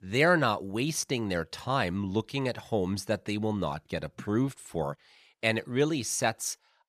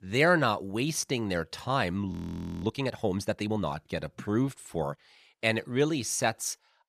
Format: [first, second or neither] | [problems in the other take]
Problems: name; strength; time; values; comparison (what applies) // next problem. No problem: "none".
first | audio freezing; at 2 s for 0.5 s